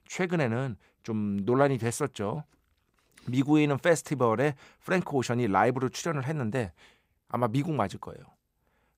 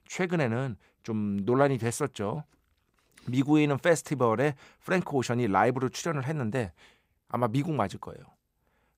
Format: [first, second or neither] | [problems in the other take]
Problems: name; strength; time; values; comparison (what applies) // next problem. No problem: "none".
neither | none